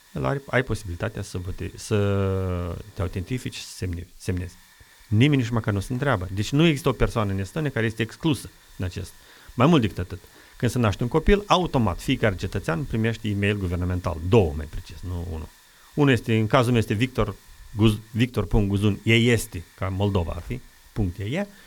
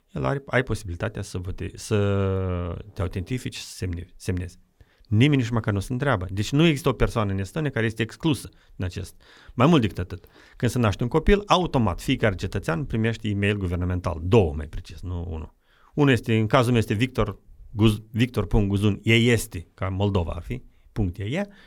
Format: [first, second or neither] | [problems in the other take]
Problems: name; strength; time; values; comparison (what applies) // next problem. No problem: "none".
second | hiss; faint; throughout; 25 dB below the speech